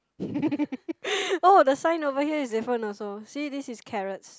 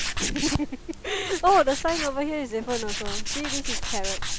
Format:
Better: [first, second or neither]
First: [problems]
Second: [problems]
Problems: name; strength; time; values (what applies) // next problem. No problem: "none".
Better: first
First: none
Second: background sound (Tools); 3 dB below the speech